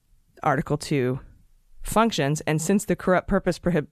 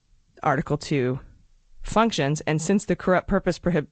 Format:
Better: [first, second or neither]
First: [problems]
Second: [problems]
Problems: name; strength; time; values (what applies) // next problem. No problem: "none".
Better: first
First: none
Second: garbled, watery; slightly; nothing above 8 kHz